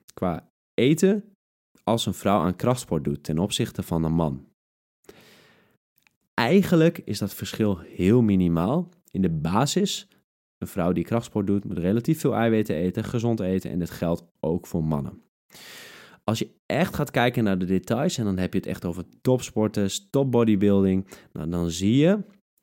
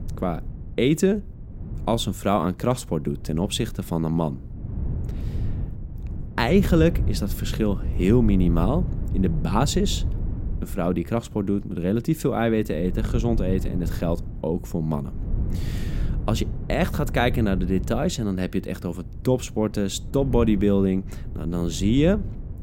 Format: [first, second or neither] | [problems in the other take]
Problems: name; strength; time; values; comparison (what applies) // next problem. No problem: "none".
first | wind noise on the microphone; occasional gusts; 15 dB below the speech